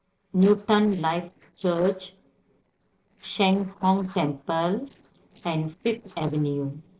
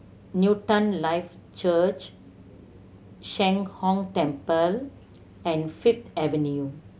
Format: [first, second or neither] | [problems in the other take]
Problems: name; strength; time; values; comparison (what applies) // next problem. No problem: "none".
second | noise reduction (neural separator model SepFormer DNS4)